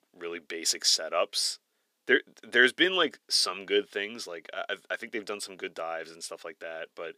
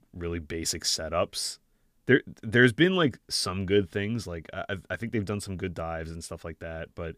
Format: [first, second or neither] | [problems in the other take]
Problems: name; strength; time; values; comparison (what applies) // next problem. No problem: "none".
second | thin; somewhat; fading below 400 Hz